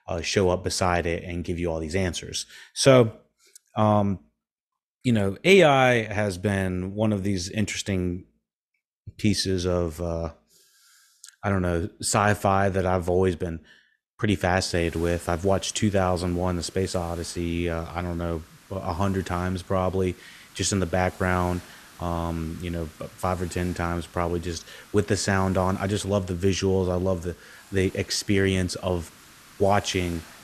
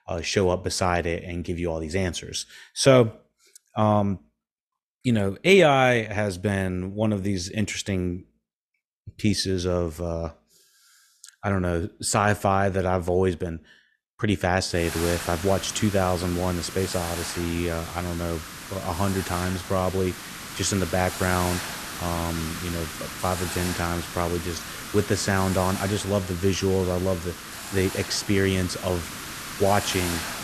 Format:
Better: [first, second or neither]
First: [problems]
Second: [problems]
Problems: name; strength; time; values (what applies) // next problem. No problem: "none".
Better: first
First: hiss; faint; from 15 s on; 25 dB below the speech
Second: hiss; loud; from 15 s on; 8 dB below the speech